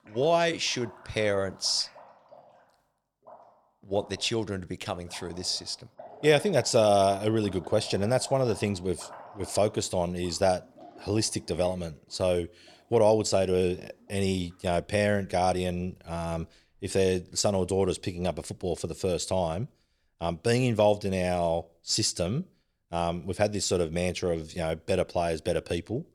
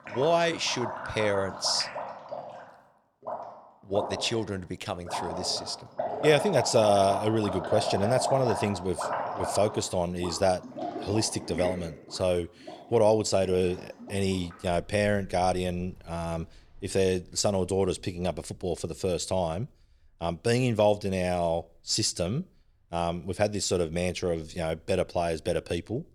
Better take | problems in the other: first | rain or running water; loud; throughout; 7 dB below the speech; faint in the first

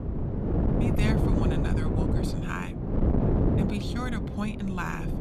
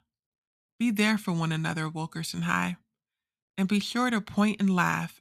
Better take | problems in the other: second | wind noise on the microphone; heavy; 2 dB above the speech

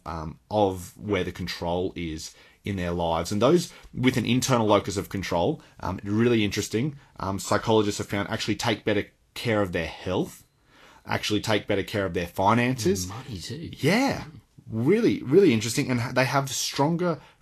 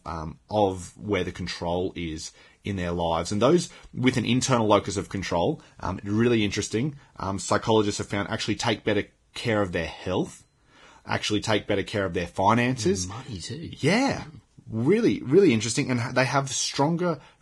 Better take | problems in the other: first | garbled, watery; badly; nothing above 10.5 kHz; slightly in the first

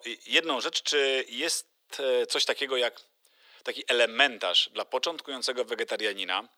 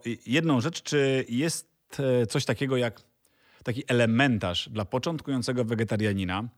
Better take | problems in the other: second | thin; very; fading below 400 Hz

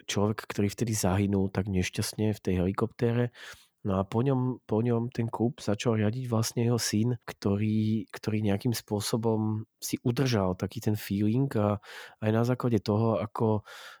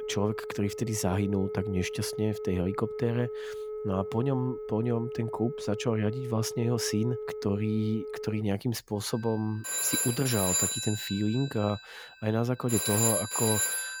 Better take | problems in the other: first | alarms or sirens; loud; throughout; 2 dB below the speech

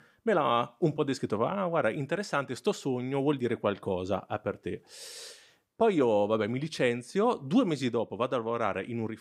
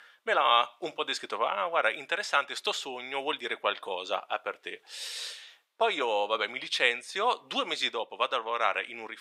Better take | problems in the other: first | thin; very; fading below 800 Hz

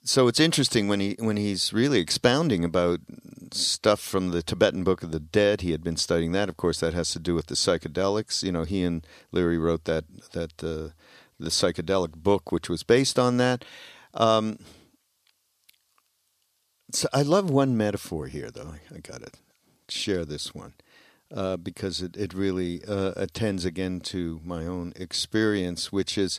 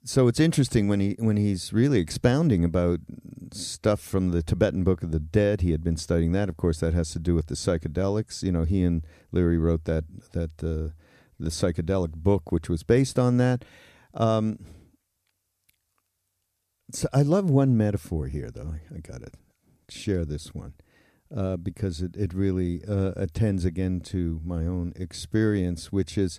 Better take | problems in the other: second | thin; very slightly; fading below 450 Hz

